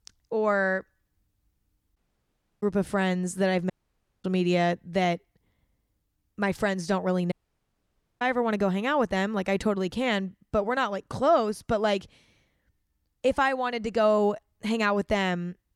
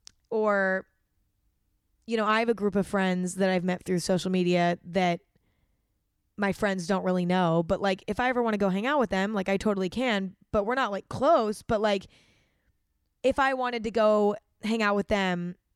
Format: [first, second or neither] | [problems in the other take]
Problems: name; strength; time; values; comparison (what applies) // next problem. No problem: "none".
second | audio cutting out; at 2 s for 0.5 s, at 3.5 s for 0.5 s and at 7.5 s for 1 s